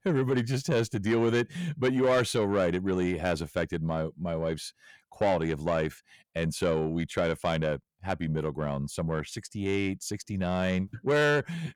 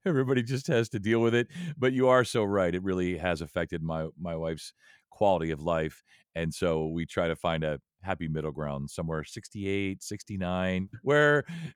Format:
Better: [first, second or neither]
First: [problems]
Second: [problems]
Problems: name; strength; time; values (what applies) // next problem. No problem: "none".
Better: second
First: distortion; slight; 10 dB below the speech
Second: none